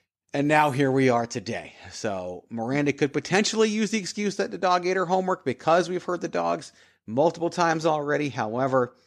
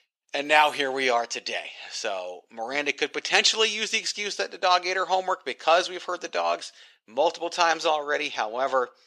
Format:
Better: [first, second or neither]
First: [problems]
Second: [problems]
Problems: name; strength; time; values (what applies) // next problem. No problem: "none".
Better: first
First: none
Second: thin; very; fading below 600 Hz